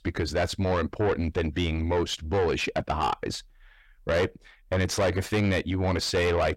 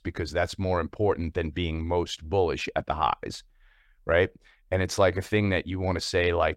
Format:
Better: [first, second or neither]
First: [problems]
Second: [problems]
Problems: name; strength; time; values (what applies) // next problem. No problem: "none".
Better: second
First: distortion; heavy; 7 dB below the speech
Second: none